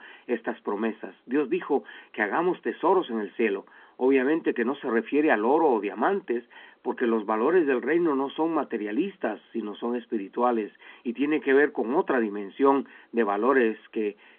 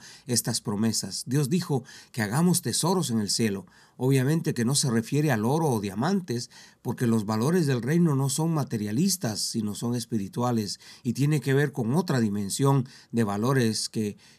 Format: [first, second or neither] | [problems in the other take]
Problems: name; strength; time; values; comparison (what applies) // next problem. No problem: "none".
second | phone-call audio